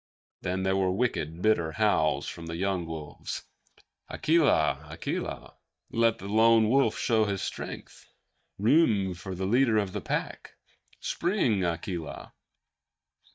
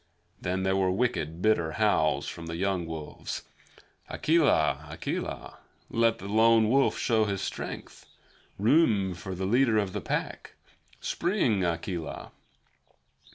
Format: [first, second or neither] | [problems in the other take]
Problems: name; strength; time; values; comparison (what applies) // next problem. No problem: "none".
second | noise reduction (neural mask model DeepFilterNet 3)